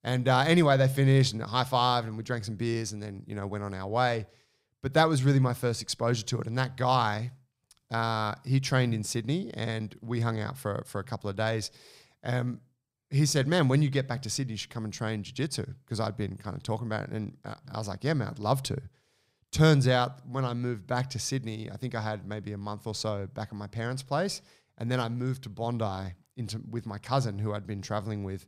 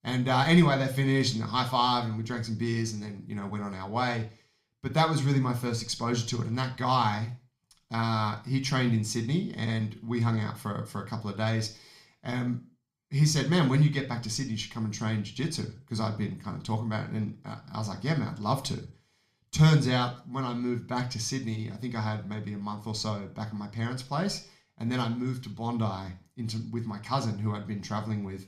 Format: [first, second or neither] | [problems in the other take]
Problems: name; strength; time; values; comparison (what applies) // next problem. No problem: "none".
first | room echo; very slight; dies away in 0.4 s